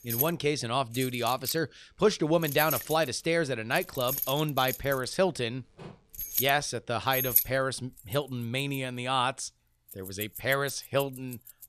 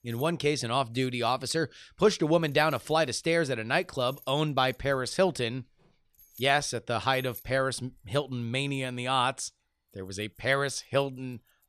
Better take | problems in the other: second | household noises; loud; throughout; 4 dB below the speech; faint in the second

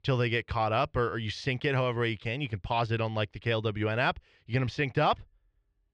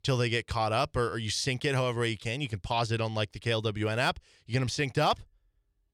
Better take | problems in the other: second | muffled; slightly; fading above 2.5 kHz

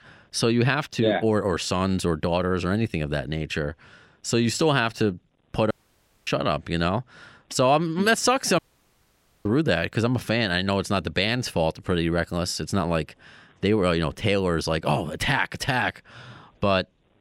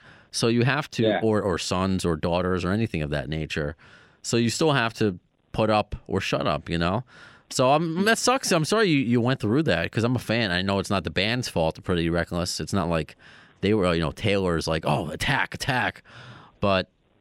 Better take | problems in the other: second | audio cutting out; at 5.5 s for 0.5 s and at 8.5 s for 1 s

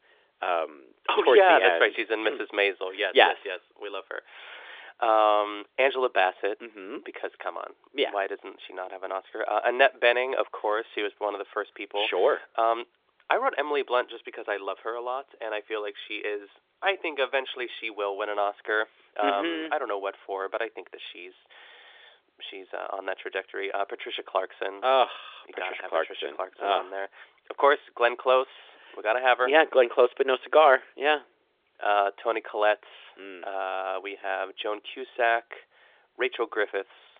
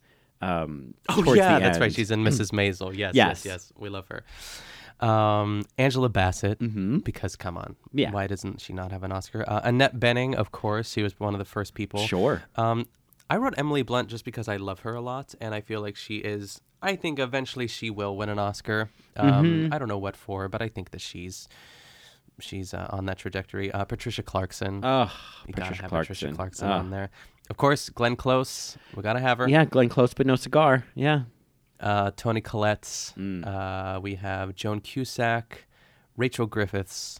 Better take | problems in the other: second | phone-call audio; nothing above 3.5 kHz

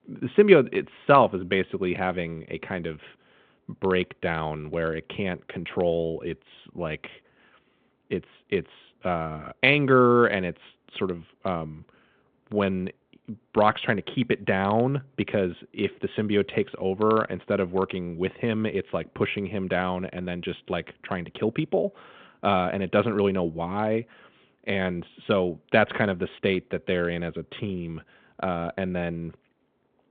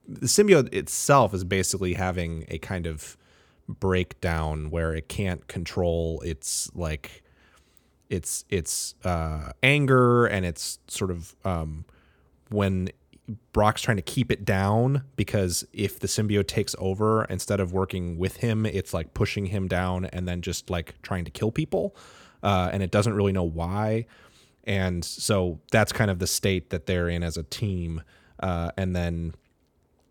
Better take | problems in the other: second | phone-call audio

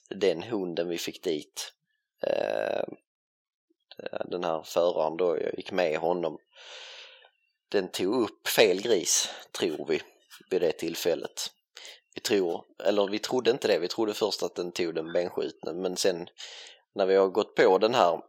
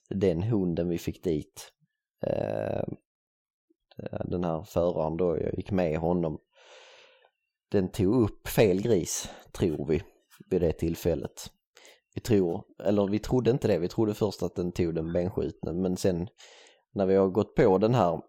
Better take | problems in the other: second | thin; somewhat; fading below 400 Hz

